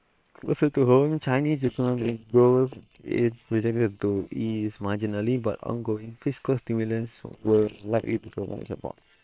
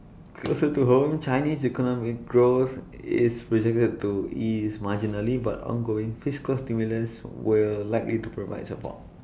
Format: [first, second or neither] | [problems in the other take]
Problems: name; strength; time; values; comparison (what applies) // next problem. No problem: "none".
second | noise reduction (neural separator model SepFormer WHAM!)